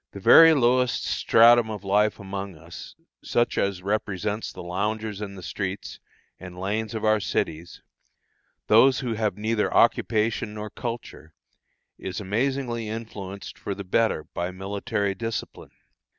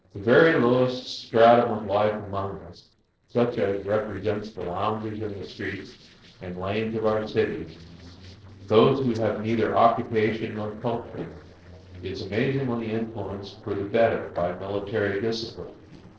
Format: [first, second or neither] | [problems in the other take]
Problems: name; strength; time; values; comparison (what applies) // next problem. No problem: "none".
first | noise reduction (neural separator model SepFormer DNS4)